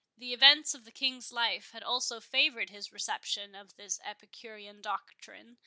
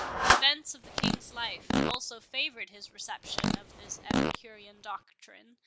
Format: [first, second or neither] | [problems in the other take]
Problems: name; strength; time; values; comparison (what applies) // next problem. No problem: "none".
first | background sound (Clapping + Fart); 4 dB above the speech